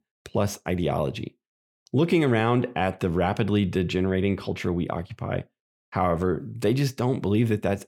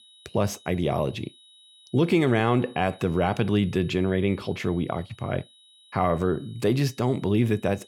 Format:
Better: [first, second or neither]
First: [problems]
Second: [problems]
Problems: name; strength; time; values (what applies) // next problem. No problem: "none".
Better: first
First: none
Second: high-pitched whine; faint; throughout; 4 kHz, 25 dB below the speech